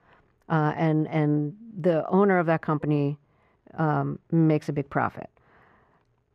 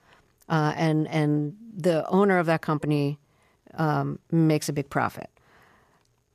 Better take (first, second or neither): second